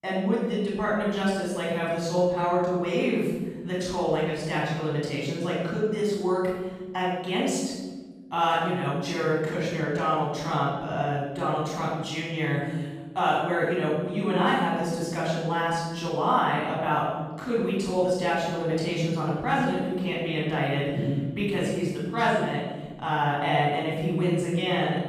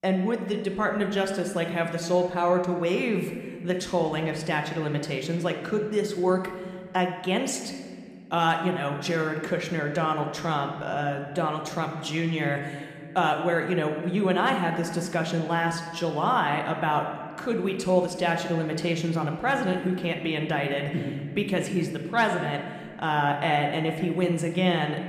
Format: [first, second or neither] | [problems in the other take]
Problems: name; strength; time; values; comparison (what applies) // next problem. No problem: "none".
second | room echo; strong; dies away in 1.5 s; slight in the second // off-mic speech; far